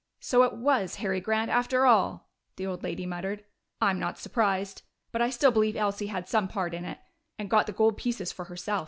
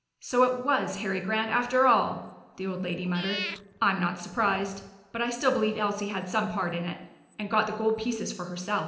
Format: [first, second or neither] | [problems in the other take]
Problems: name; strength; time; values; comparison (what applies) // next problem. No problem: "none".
first | background sound (Meow / Purr); 13 dB below the speech // room echo; dies away in 0.8 s